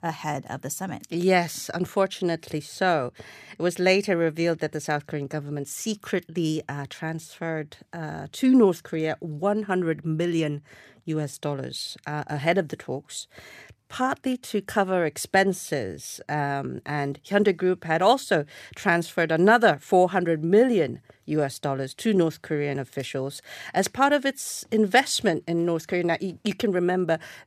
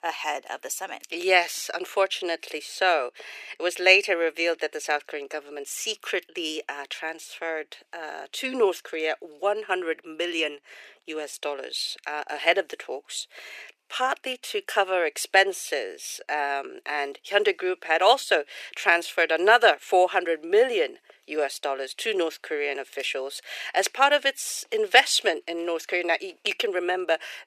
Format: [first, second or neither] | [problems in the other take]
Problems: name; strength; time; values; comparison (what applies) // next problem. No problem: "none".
first | thin; very; fading below 400 Hz